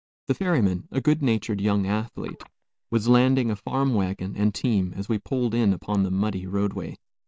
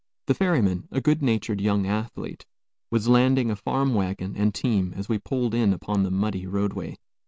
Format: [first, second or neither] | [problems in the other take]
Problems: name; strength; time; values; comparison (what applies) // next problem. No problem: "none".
second | noise reduction (neural mask model DeepFilterNet 3)